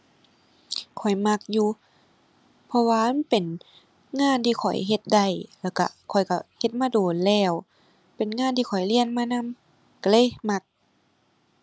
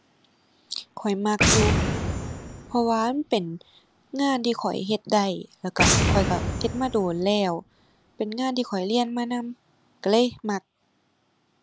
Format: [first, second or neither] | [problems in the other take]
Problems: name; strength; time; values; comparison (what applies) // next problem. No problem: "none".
first | background sound (Boom); 1 dB below the speech